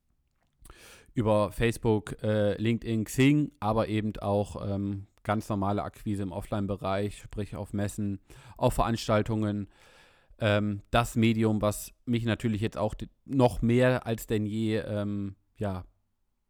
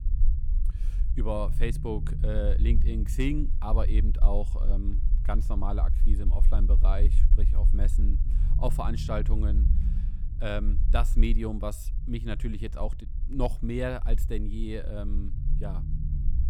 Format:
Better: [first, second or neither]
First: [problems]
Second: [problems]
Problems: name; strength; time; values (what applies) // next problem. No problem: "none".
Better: first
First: none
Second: low rumble; noticeable; throughout; 10 dB below the speech